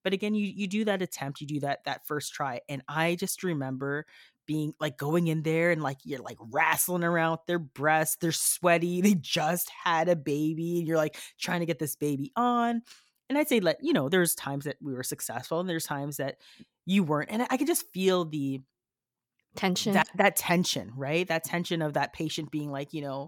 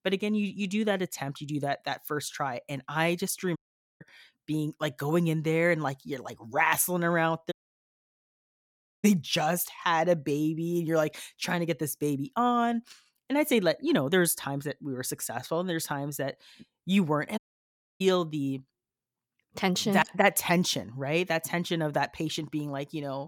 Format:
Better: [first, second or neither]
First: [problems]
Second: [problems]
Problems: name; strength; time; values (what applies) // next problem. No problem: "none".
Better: first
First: none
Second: audio cutting out; at 3.5 s, at 7.5 s for 1.5 s and at 17 s for 0.5 s